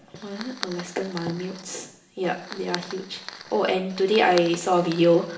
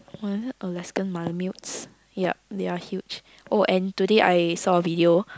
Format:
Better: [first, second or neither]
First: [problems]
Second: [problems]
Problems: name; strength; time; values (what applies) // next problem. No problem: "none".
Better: second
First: background sound (Fire); 15 dB below the speech // room echo; dies away in 0.7 s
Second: none